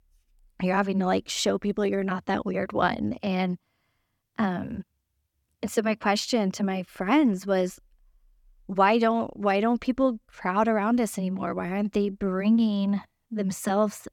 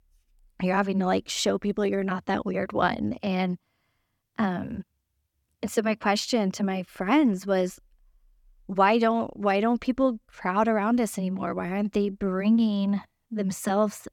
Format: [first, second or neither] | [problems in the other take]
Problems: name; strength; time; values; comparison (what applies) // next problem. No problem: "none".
neither | none